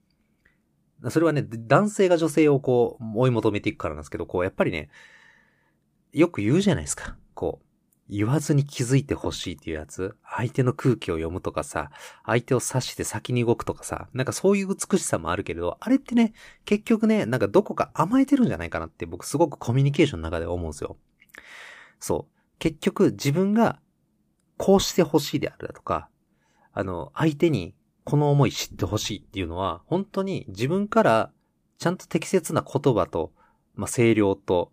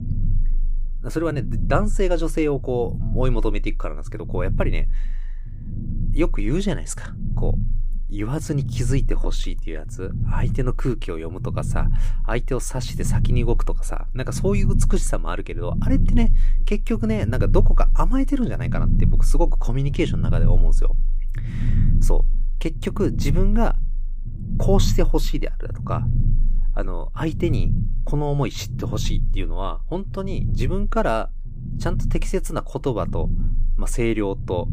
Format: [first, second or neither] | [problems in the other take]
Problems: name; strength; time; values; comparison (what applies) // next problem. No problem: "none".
first | low rumble; noticeable; throughout; 10 dB below the speech